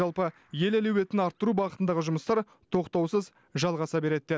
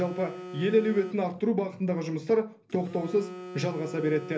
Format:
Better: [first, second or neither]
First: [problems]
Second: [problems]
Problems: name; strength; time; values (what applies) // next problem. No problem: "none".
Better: first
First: none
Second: background sound (Telephone); 14 dB below the speech // room echo; dies away in 0.3 s